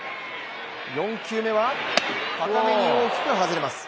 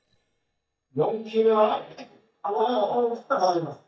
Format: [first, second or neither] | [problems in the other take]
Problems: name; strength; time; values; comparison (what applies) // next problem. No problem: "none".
first | noise reduction (neural mask model DeepFilterNet 3)